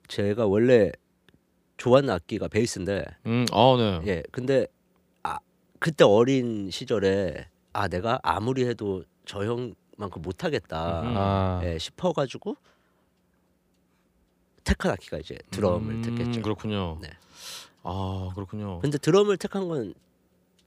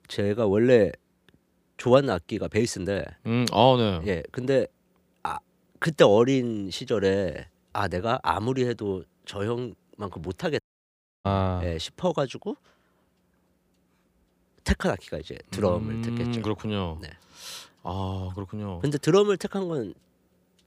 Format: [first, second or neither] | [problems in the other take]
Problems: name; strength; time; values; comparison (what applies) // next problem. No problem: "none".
first | audio cutting out; at 11 s for 0.5 s